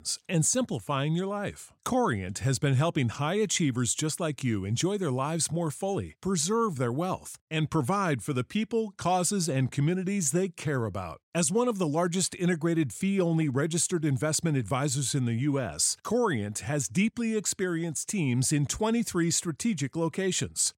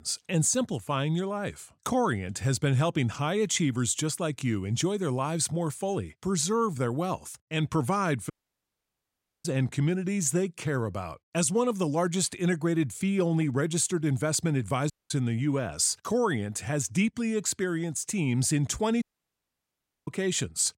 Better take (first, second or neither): first